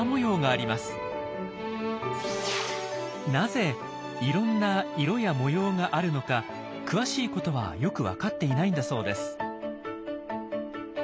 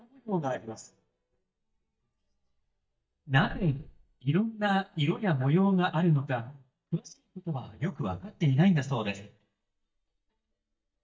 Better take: first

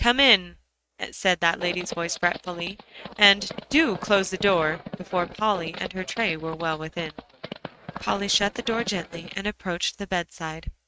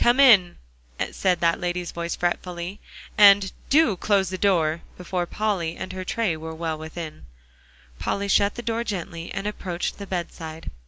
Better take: second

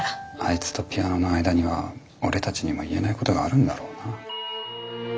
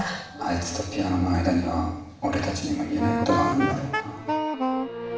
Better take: first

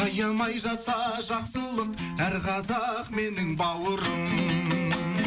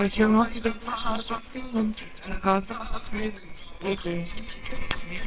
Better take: first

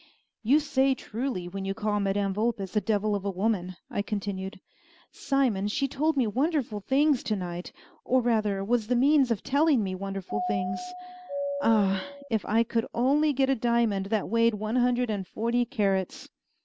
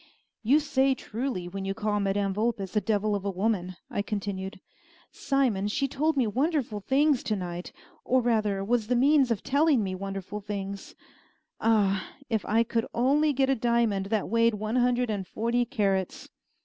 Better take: second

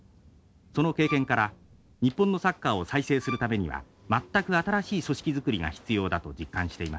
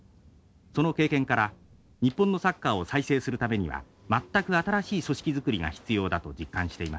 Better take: second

